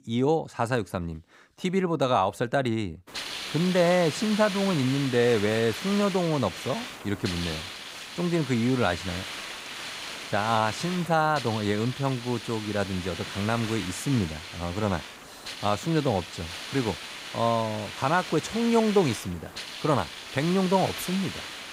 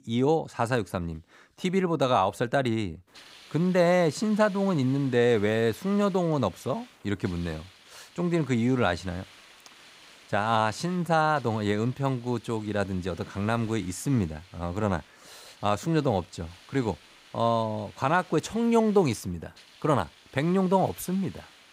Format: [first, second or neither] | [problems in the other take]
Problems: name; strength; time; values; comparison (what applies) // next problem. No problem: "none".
second | hiss; loud; from 3 s on; 9 dB below the speech; faint in the second